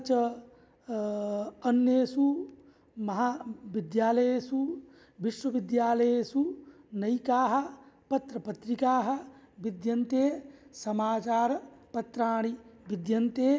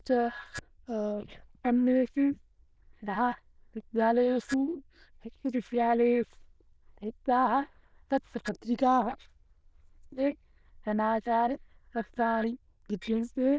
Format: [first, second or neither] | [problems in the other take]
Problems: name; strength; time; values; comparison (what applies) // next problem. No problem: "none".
first | noise reduction (neural diffusion model UNIVERSE++)